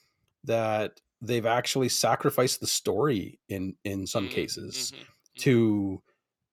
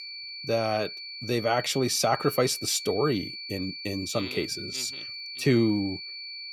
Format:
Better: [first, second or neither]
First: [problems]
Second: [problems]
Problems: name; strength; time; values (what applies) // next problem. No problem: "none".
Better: first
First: none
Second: high-pitched whine; loud; throughout; 4.5 kHz, 9 dB below the speech